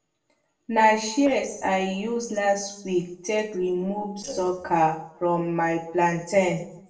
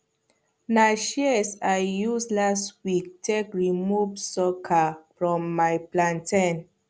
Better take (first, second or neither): second